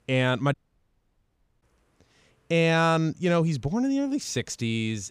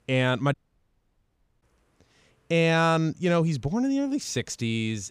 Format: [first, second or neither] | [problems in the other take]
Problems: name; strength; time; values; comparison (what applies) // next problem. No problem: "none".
neither | audio cutting out; at 0.5 s for 1 s; the same in both